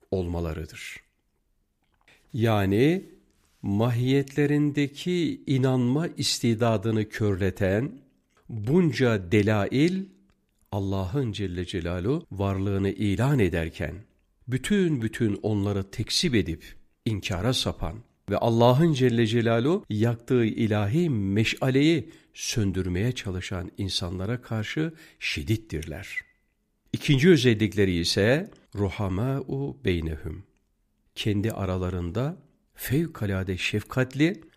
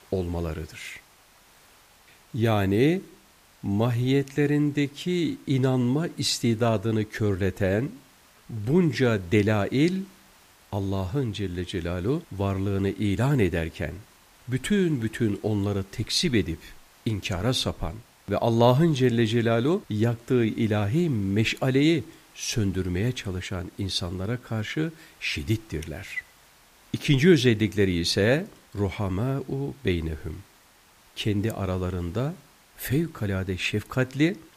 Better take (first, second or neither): first